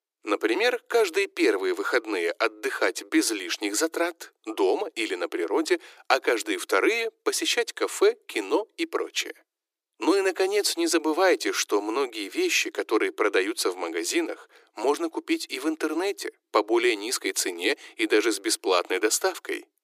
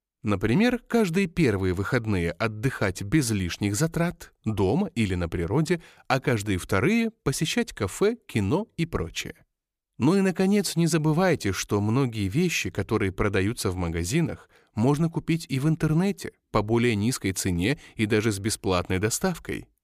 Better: second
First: thin; very; fading below 300 Hz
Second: none

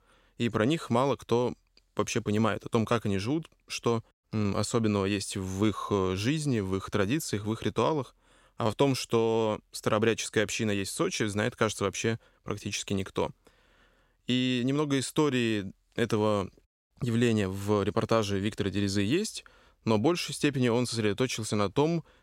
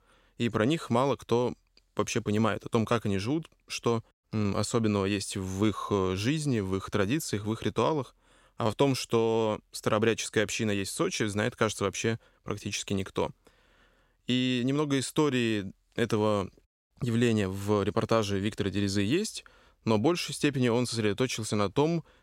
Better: neither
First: none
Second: none

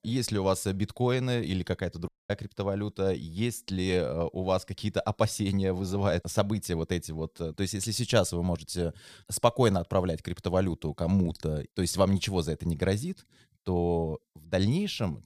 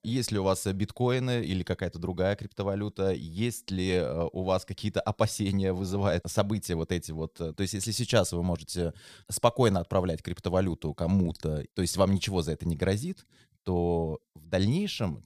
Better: second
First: audio cutting out; at 2 s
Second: none

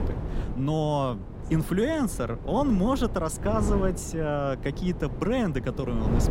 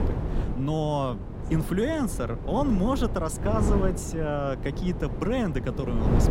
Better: first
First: wind noise on the microphone; occasional gusts; 10 dB below the speech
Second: wind noise on the microphone; heavy; 8 dB below the speech

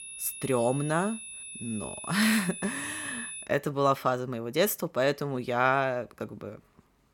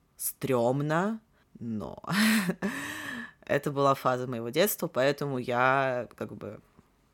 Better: second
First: high-pitched whine; loud; until 3.5 s; 10 kHz, 10 dB below the speech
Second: none

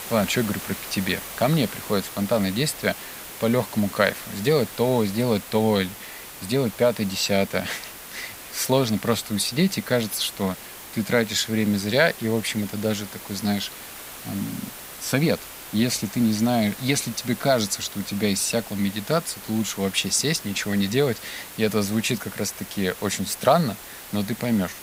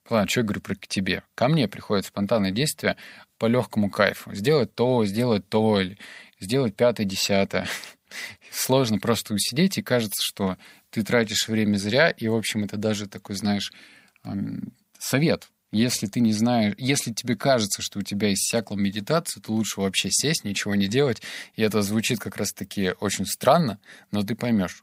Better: second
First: hiss; noticeable; throughout; 10 dB below the speech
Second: none

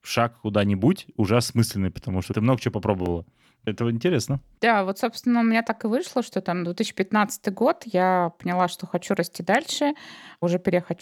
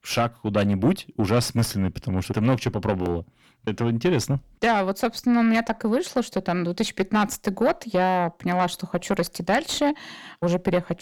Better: first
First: none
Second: distortion; slight; 10 dB below the speech

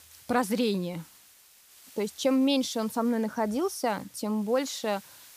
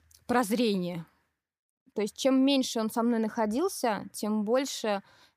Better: second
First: hiss; faint; throughout; 25 dB below the speech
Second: none

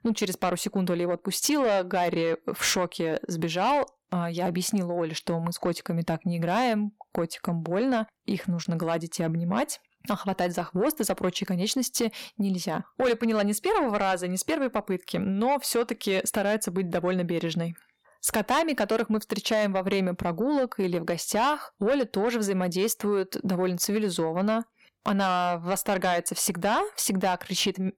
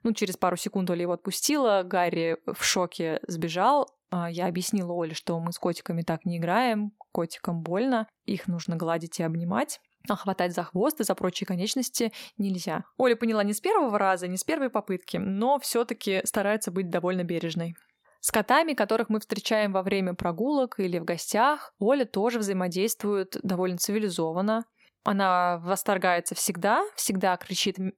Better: second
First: distortion; slight; 10 dB below the speech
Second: none

